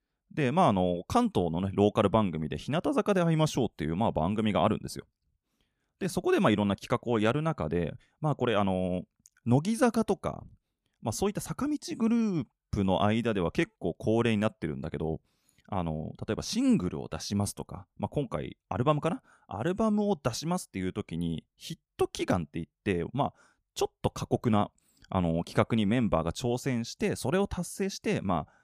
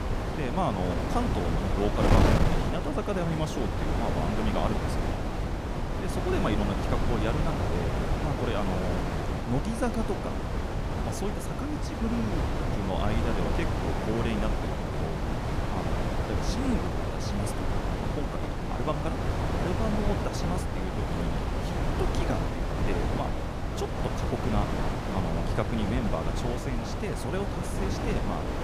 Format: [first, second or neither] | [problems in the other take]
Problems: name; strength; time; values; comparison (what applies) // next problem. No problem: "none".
first | wind noise on the microphone; heavy; 2 dB above the speech